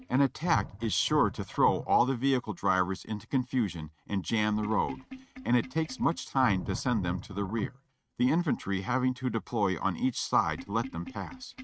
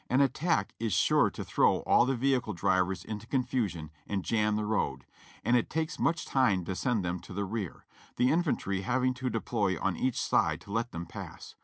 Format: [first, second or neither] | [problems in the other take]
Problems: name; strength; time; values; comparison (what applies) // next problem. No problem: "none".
second | noise reduction (neural mask model RNNoise)